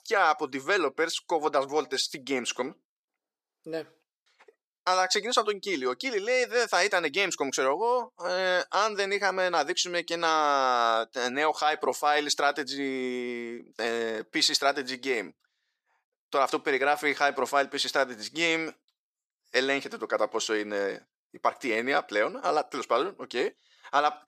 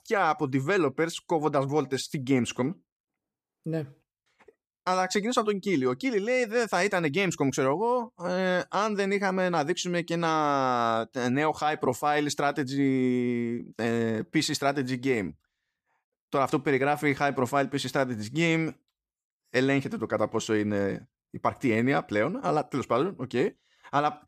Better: second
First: thin; somewhat; fading below 500 Hz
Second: none

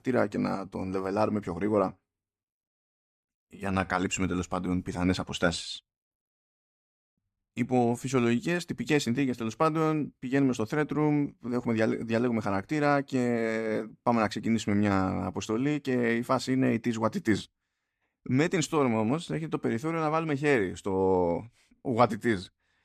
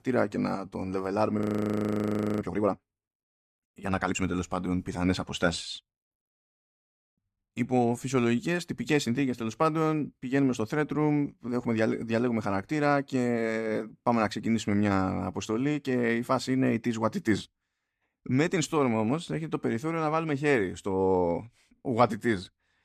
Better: first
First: none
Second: audio freezing; at 1.5 s for 1 s

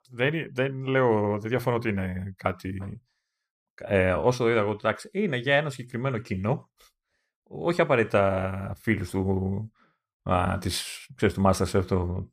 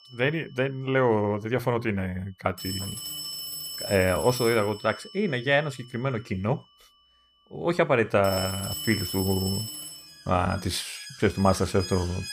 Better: first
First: none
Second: alarms or sirens; loud; throughout; 8 dB below the speech

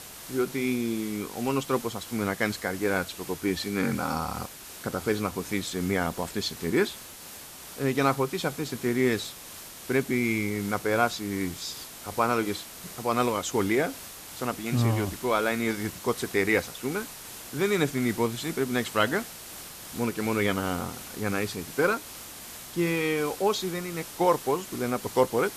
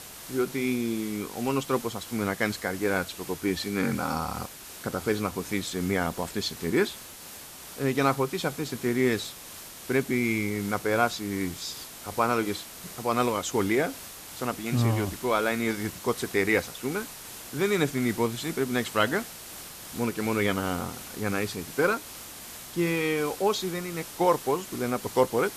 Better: neither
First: hiss; noticeable; throughout; 10 dB below the speech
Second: hiss; noticeable; throughout; 10 dB below the speech

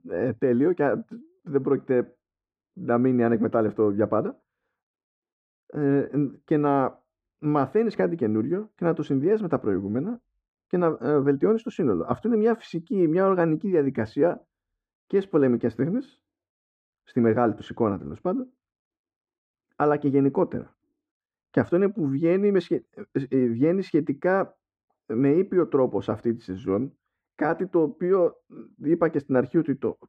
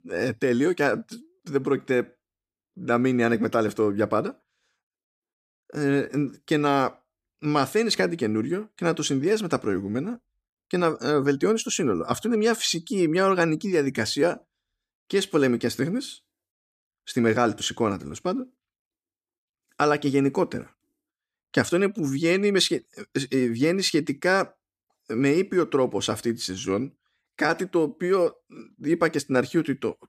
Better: second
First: muffled; very; fading above 2.5 kHz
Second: none

